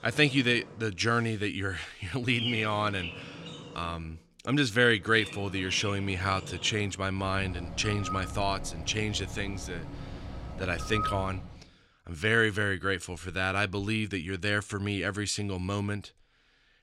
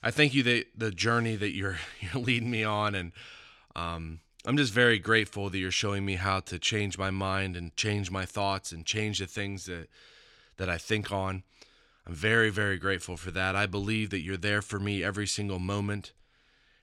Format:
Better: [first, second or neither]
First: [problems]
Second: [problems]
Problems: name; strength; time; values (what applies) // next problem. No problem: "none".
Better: second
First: animal sounds; noticeable; until 11 s; 10 dB below the speech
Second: none